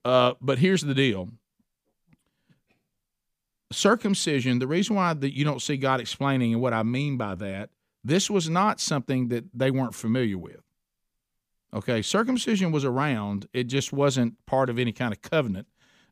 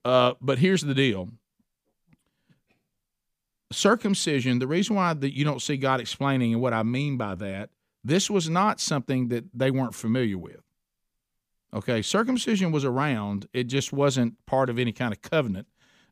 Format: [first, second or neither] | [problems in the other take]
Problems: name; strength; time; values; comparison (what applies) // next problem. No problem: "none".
neither | none